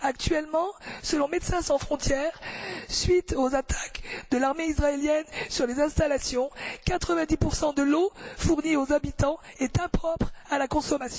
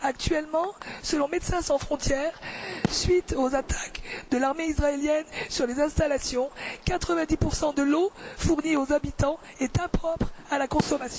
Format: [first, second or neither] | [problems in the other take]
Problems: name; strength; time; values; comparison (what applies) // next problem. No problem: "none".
first | background sound (Fireworks); 15 dB below the speech